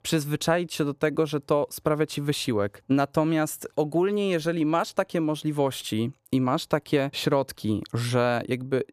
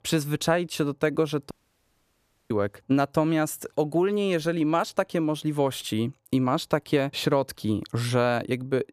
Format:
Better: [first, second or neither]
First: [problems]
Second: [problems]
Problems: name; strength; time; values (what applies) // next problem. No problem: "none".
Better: first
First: none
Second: audio cutting out; at 1.5 s for 1 s